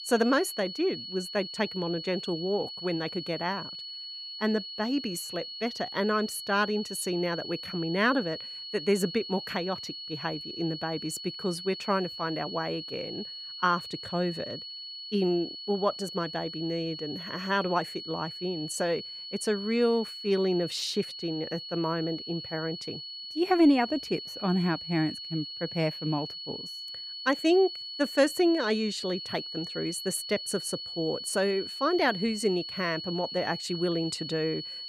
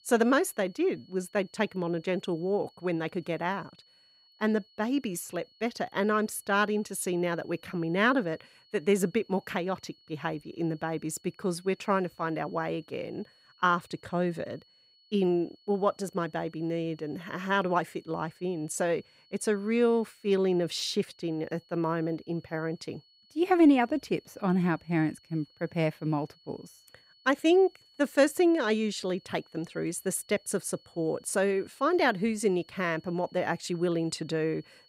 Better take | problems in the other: second | high-pitched whine; loud; throughout; 4.5 kHz, 7 dB below the speech; faint in the second

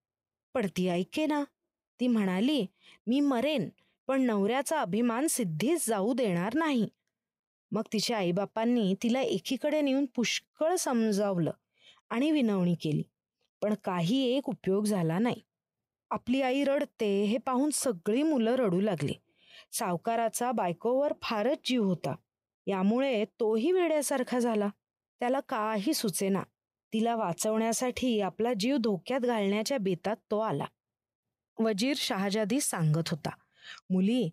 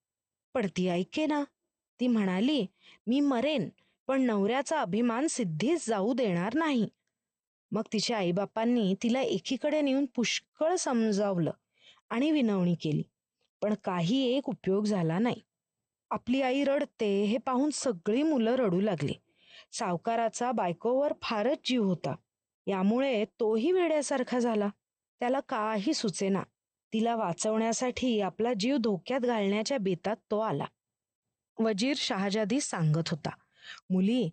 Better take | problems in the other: first | garbled, watery; slightly; nothing above 8.5 kHz

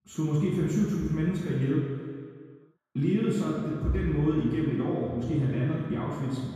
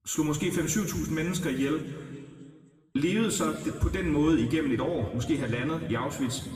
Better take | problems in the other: second | room echo; strong; dies away in 2 s; slight in the second // off-mic speech; far; somewhat distant in the second

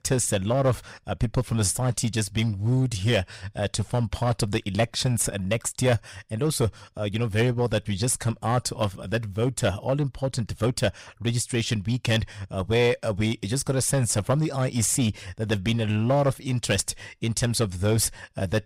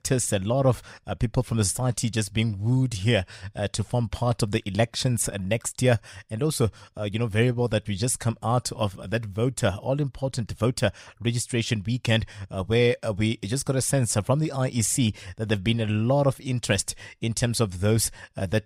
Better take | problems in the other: second | distortion; slight; 5% of the sound clipped

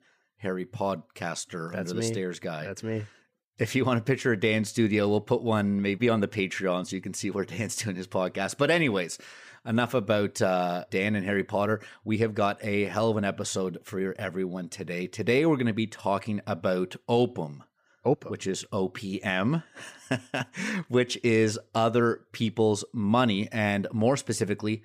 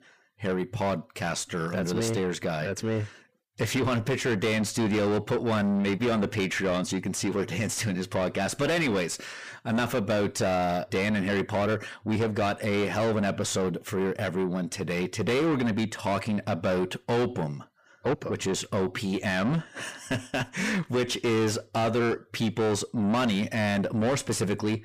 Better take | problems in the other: first | distortion; heavy; 6 dB below the speech

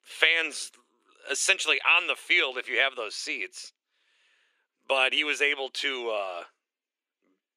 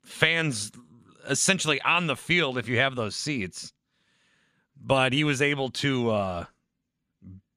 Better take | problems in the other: second | thin; very; fading below 350 Hz

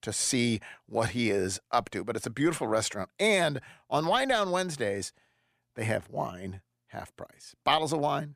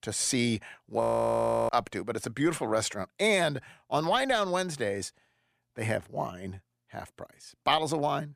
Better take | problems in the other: first | audio freezing; at 1 s for 0.5 s

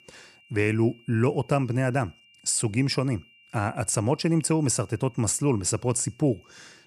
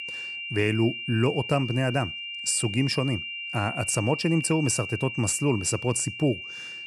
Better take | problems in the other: first | high-pitched whine; loud; throughout; 3 kHz, 7 dB below the speech; faint in the first

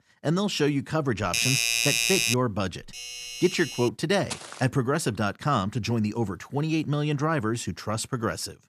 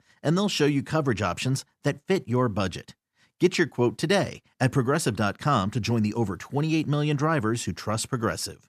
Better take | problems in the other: second | doorbell; loud; from 1 to 2.5 s; peak 6 dB above the speech // doorbell; noticeable; from 3 to 4 s; peak 7 dB below the speech // footsteps; noticeable; at 4.5 s; peak 9 dB below the speech

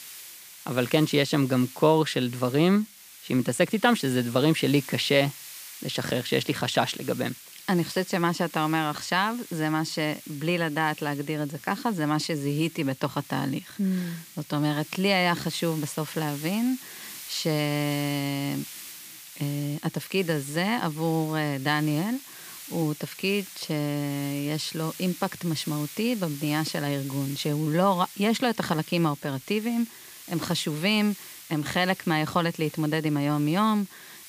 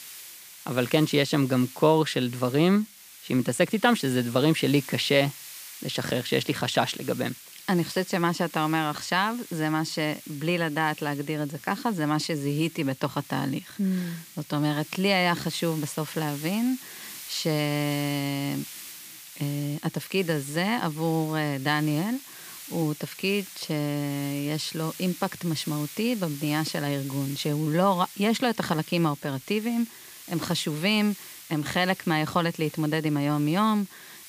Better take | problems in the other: neither | hiss; noticeable; throughout; 15 dB below the speech; the same in both

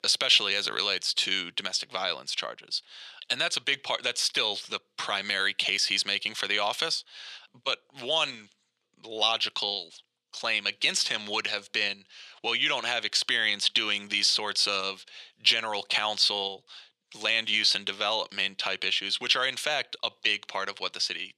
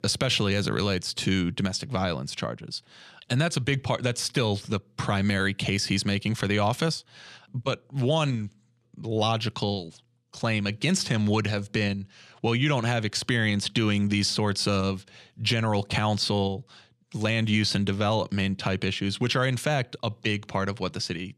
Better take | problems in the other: second | thin; very; fading below 550 Hz

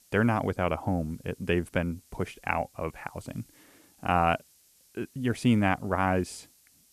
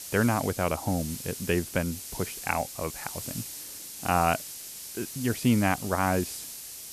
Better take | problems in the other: first | hiss; loud; throughout; 8 dB below the speech; faint in the first

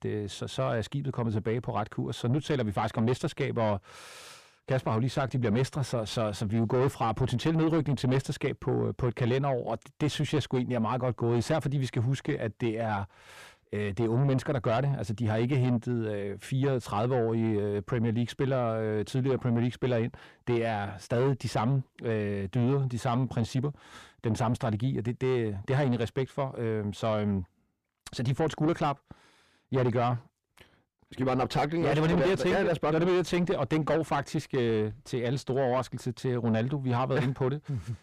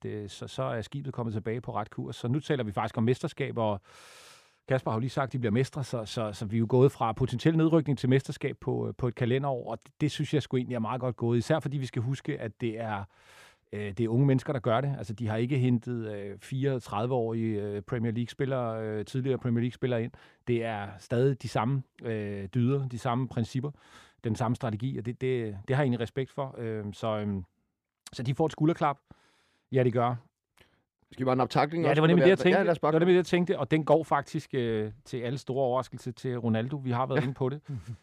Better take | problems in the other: second | distortion; heavy; 7 dB below the speech

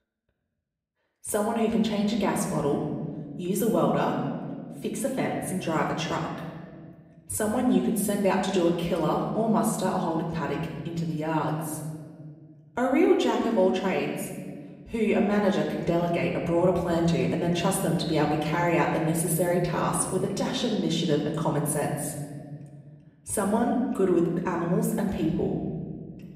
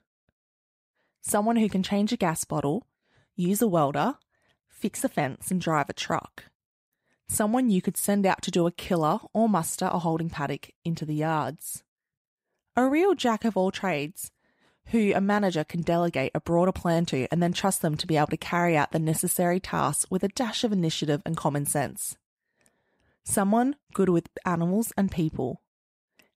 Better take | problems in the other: second | off-mic speech; somewhat distant // room echo; noticeable; dies away in 1.8 s

